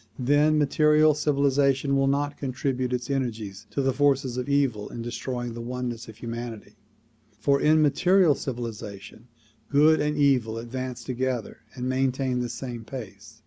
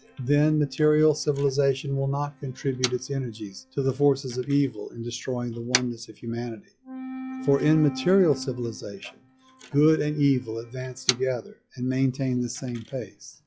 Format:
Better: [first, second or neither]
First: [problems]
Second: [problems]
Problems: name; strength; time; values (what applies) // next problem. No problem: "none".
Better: first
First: none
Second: noise reduction (classical method log-MMSE)